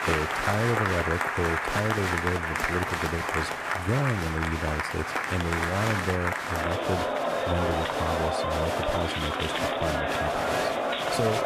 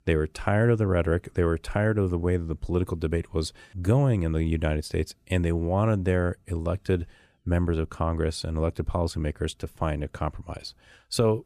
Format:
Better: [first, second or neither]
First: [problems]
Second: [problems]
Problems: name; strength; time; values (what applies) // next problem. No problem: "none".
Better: second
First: crowd noise; very loud; throughout; 3 dB above the speech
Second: none